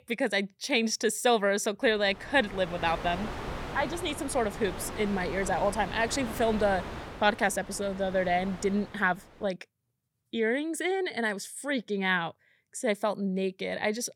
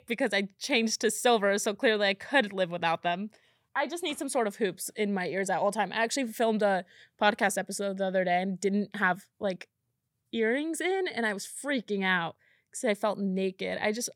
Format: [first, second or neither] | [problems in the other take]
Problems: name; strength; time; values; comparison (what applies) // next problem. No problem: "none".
second | wind noise on the microphone; occasional gusts; from 2 to 9.5 s; 10 dB below the speech